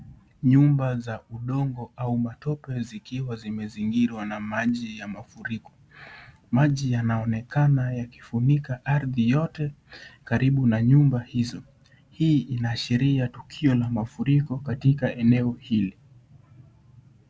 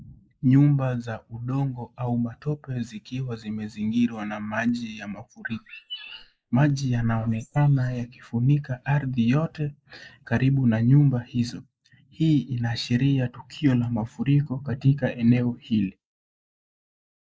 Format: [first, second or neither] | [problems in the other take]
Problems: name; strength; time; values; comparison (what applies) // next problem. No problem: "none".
first | noise reduction (neural mask model Resemble Enhance denoiser)